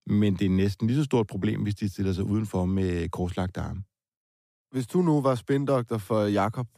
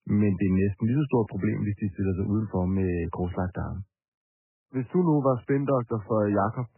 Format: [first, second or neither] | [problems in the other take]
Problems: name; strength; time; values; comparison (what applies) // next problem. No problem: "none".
first | garbled, watery; badly; nothing above 2.5 kHz